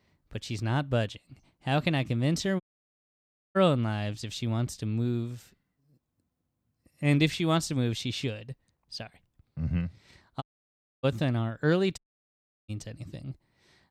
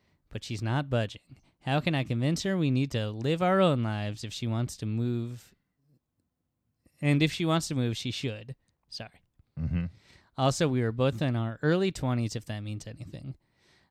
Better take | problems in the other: second | audio cutting out; at 2.5 s for 1 s, at 10 s for 0.5 s and at 12 s for 0.5 s

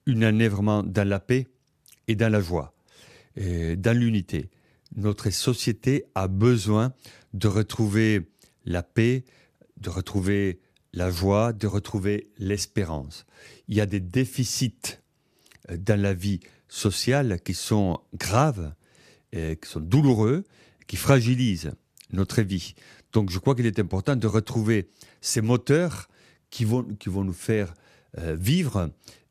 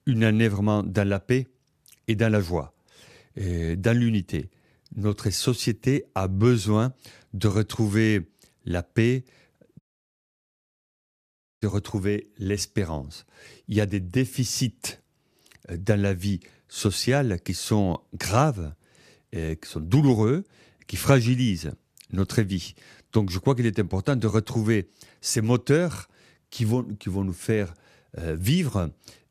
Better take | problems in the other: first | audio cutting out; at 10 s for 2 s

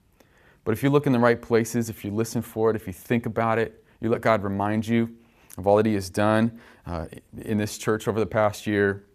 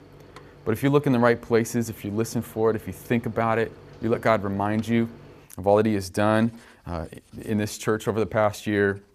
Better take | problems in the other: first | household noises; faint; throughout; 25 dB below the speech

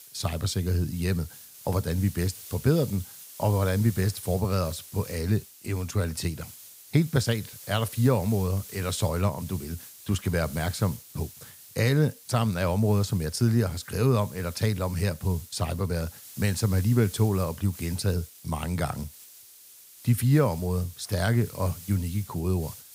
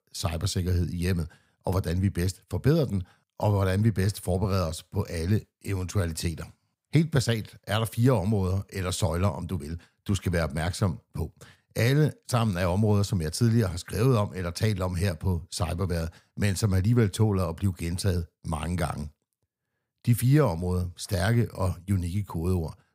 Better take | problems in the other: second | hiss; noticeable; throughout; 15 dB below the speech

